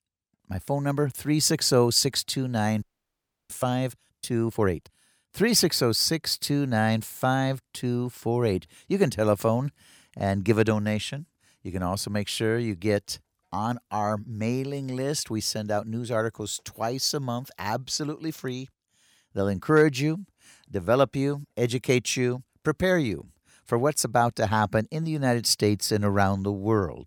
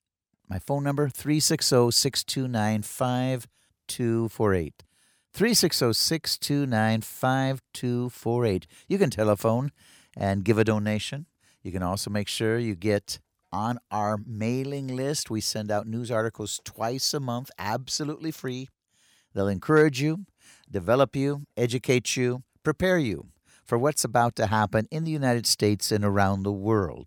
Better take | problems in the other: second | audio freezing; at 3 s for 0.5 s

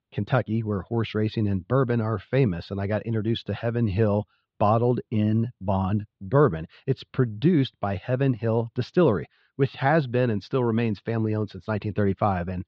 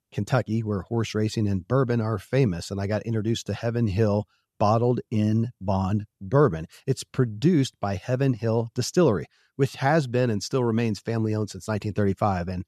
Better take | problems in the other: second | muffled; slightly; fading above 4 kHz

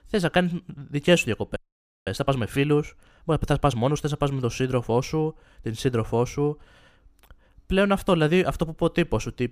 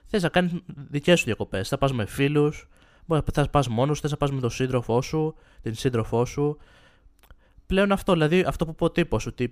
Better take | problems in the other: second | audio freezing; at 1.5 s for 0.5 s

